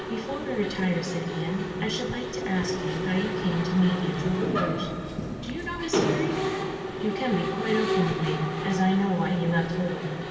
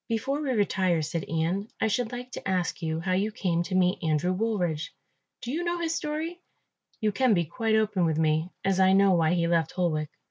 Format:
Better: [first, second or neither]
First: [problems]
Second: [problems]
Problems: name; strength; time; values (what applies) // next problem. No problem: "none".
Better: second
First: background sound (Mechanisms); 2 dB below the speech // room echo; dies away in 2.6 s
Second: none